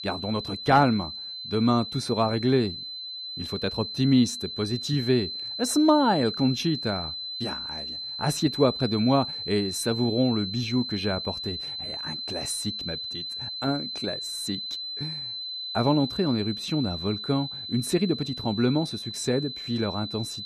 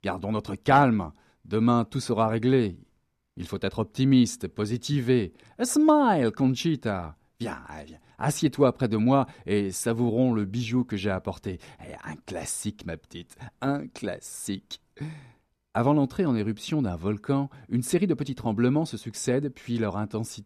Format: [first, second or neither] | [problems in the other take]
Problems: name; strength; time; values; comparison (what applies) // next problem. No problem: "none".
second | high-pitched whine; loud; throughout; 4 kHz, 6 dB below the speech